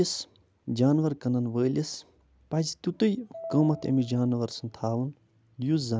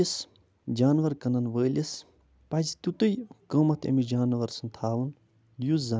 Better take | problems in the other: second | background sound (Piano); 16 dB below the speech

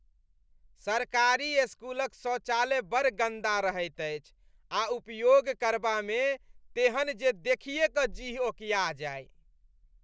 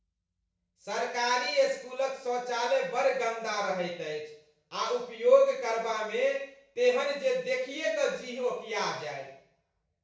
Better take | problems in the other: first | room echo; dies away in 0.6 s

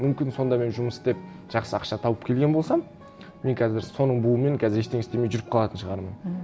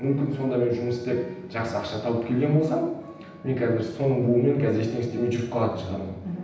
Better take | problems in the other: first | room echo; dies away in 0.9 s

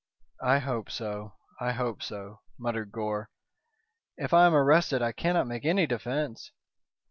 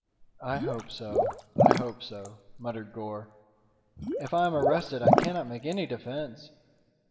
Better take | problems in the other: first | background sound (Water / Liquid); 4 dB above the speech // room echo; dies away in 1.5 s

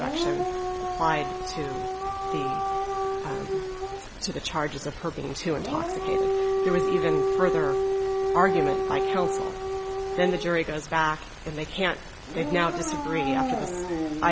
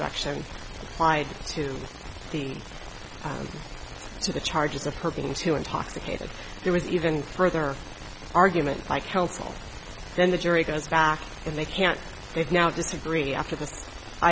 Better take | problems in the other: second | background sound (Siren / Dog); 1 dB above the speech

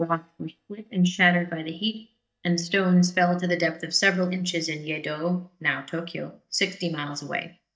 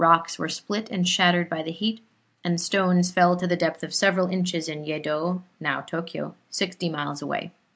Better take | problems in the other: second | noise reduction (neural mask model DeepFilterNet 3)

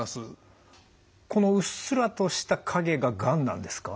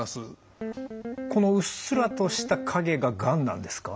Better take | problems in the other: first | background sound (Guitar); 9 dB below the speech

